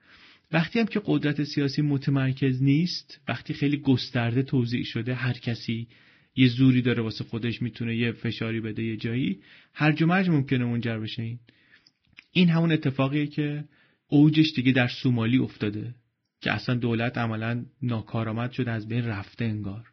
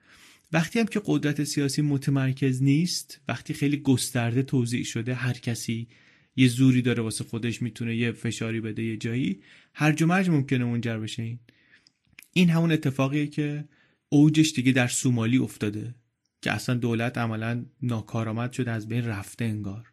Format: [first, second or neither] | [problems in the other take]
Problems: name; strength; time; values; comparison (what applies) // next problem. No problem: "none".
second | garbled, watery; badly; nothing above 5.5 kHz; slightly in the second